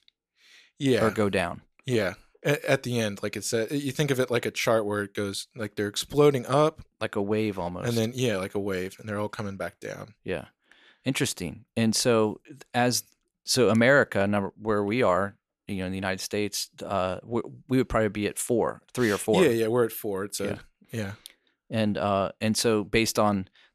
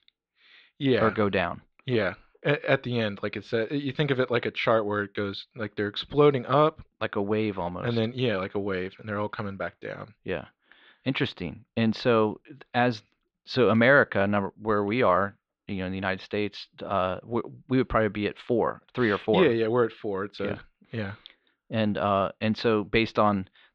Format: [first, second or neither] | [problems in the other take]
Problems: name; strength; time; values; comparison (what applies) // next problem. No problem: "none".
first | muffled; slightly; fading above 4 kHz